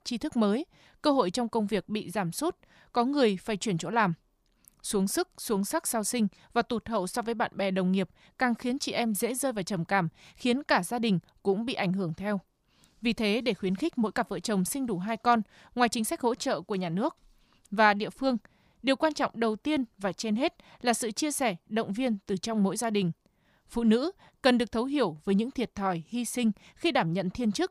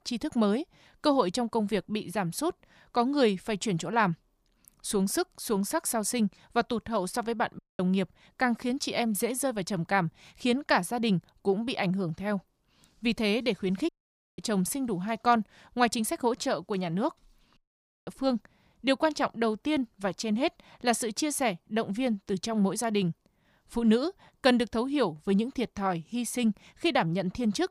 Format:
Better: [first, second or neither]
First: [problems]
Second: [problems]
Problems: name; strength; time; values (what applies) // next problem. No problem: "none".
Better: first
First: none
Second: audio cutting out; at 7.5 s, at 14 s and at 18 s for 0.5 s